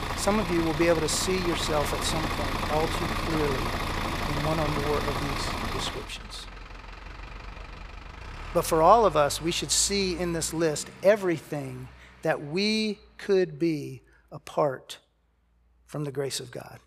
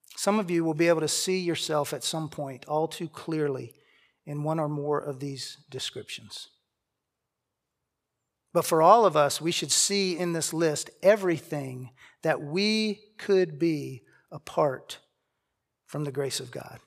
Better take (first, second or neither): second